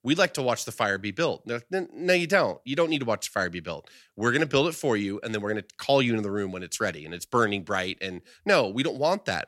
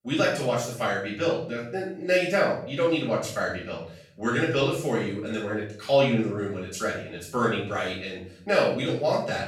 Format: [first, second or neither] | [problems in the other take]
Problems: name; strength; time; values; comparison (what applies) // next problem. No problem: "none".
first | room echo; noticeable; dies away in 0.6 s // off-mic speech; far